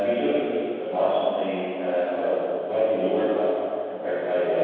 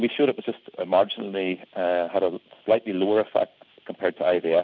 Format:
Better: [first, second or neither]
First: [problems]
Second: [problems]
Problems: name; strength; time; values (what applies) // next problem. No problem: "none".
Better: second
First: room echo; dies away in 2.2 s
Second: none